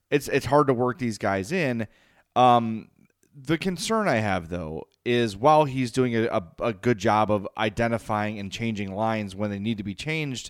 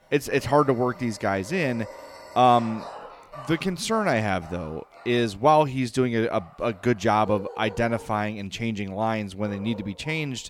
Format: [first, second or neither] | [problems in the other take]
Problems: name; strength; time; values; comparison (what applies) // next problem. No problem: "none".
first | animal sounds; noticeable; throughout; 20 dB below the speech